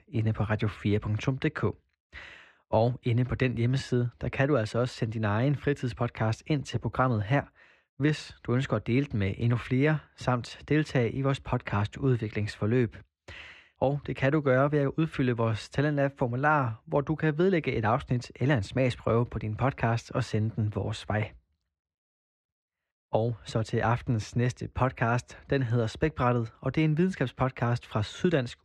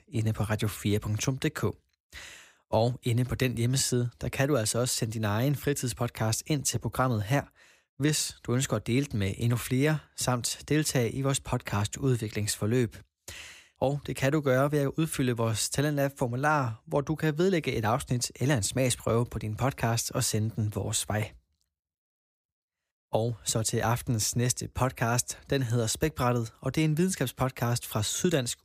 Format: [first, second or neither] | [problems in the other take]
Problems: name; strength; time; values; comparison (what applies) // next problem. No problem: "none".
second | muffled; very; fading above 2.5 kHz